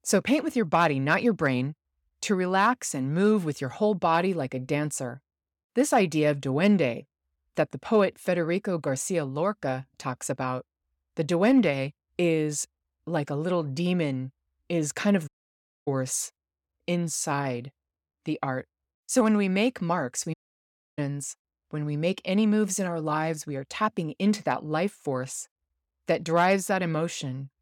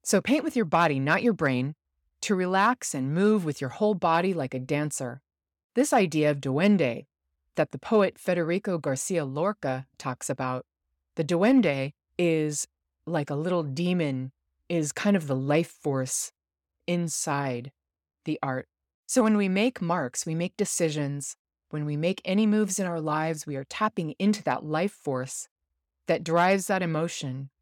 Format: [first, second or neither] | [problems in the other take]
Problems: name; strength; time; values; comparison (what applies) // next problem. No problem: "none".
second | audio cutting out; at 15 s for 0.5 s and at 20 s for 0.5 s